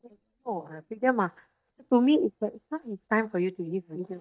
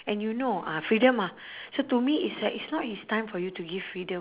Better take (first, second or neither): second